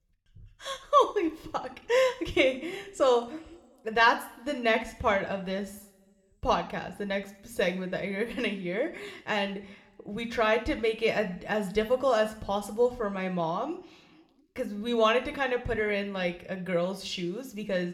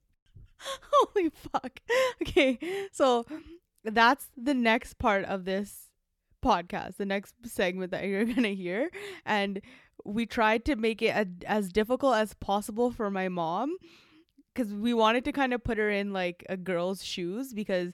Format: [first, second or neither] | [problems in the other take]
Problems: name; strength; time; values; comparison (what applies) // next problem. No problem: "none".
second | room echo; very slight; dies away in 0.7 s